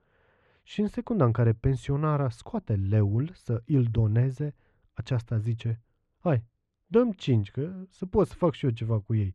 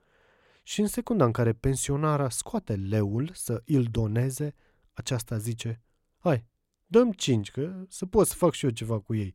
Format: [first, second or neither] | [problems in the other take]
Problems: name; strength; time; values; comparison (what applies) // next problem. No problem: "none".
second | muffled; slightly; fading above 3 kHz